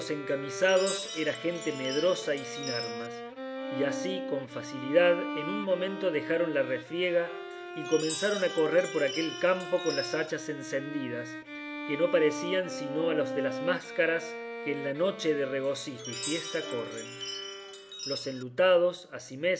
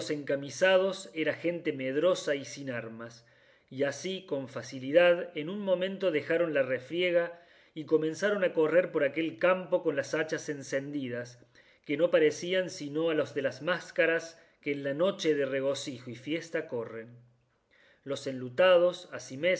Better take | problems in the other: second | background sound (Chime + Bowed string instrument); 7 dB below the speech

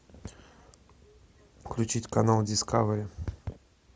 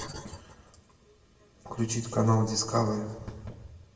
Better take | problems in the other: first | room echo; dies away in 1.2 s

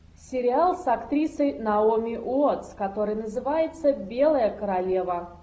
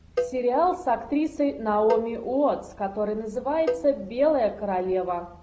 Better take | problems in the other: first | background sound (Cowbell); 10 dB below the speech

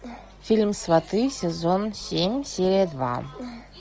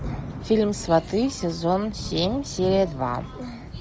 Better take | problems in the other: first | background sound (Thunder / Rain); 11 dB below the speech

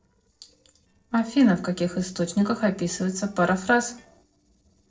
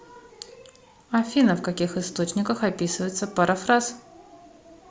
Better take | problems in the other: second | noise reduction (neural separator model SepFormer DNS4)

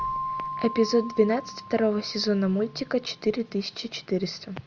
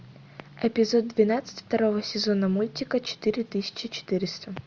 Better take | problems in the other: second | background sound (Keyboard (musical)); 11 dB below the speech

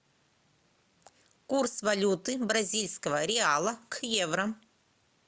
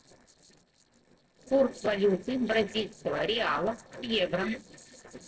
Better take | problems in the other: first | noise reduction (neural separator model SepFormer DNS4)

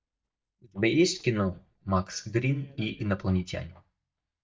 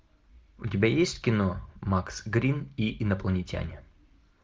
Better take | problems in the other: second | noise reduction (neural mask model DeepFilterNet 3)

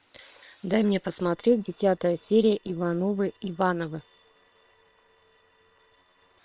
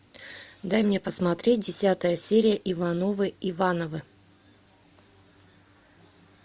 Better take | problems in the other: second | noise reduction (neural separator model SepFormer WHAM!)

